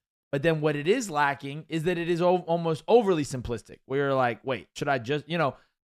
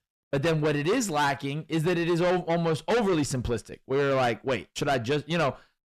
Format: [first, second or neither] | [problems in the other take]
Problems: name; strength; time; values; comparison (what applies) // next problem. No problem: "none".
first | distortion; heavy; 6 dB below the speech